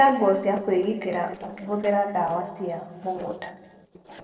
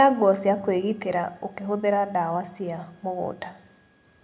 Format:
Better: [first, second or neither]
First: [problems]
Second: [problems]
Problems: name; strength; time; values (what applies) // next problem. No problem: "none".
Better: second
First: noise reduction (neural separator model SepFormer DNS4)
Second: none